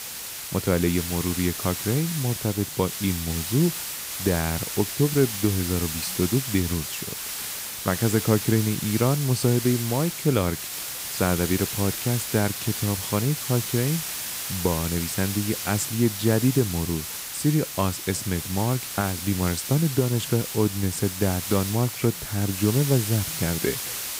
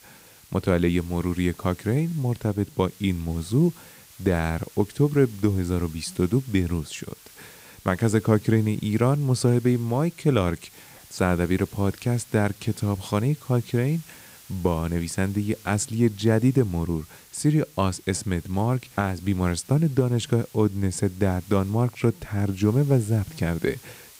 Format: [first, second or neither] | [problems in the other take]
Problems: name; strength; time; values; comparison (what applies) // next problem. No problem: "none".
second | hiss; loud; throughout; 4 dB below the speech; faint in the second